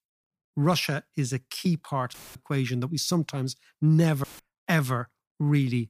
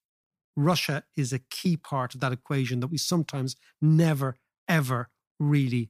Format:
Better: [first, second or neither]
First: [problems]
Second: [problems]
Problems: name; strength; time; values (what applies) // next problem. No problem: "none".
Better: second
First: audio cutting out; filled with static; at 2 s and at 4 s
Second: none